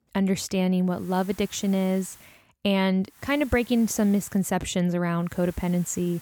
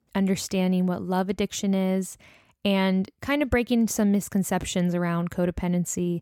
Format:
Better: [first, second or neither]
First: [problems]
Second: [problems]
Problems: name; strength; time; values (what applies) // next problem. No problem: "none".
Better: second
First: hiss; faint; from 1 to 2.5 s, from 3 to 4.5 s and at 5.5 s; 25 dB below the speech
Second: none